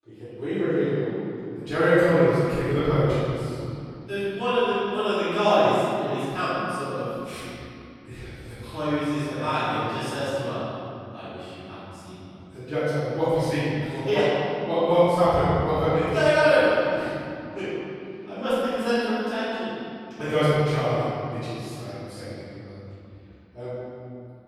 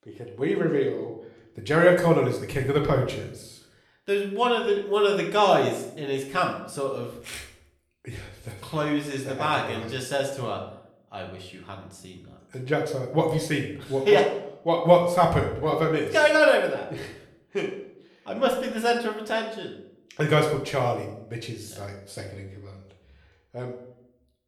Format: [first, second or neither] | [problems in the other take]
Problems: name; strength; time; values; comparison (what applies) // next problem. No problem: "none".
second | room echo; strong; dies away in 2.8 s; slight in the second // off-mic speech; far; somewhat distant in the second